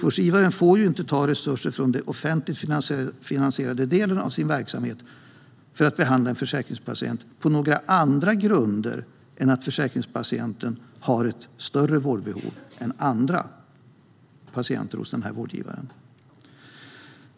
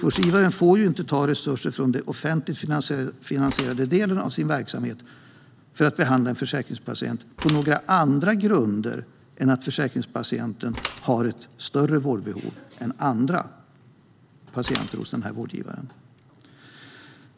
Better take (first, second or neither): first